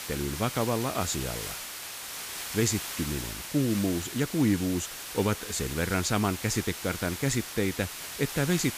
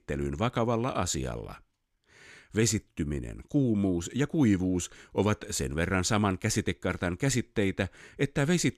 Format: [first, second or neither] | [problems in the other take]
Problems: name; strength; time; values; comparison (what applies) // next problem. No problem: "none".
second | hiss; loud; throughout; 6 dB below the speech